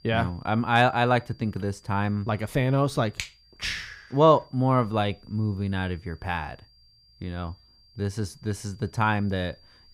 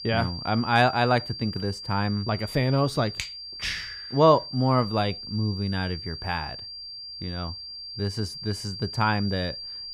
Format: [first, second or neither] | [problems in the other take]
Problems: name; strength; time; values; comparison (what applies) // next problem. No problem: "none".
first | high-pitched whine; loud; throughout; 4.5 kHz, 9 dB below the speech; faint in the first